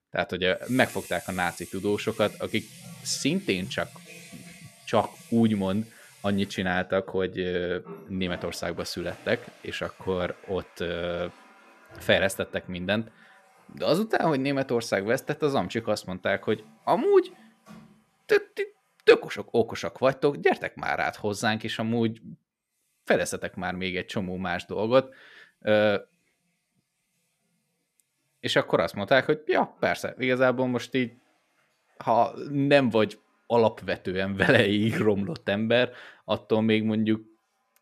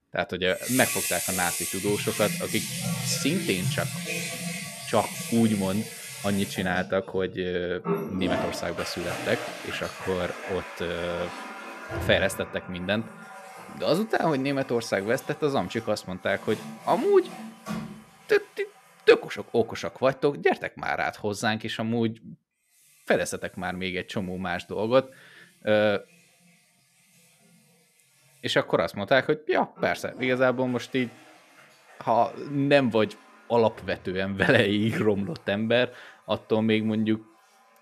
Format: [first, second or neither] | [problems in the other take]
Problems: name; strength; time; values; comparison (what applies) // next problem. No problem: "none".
first | household noises; loud; throughout; 6 dB below the speech; faint in the first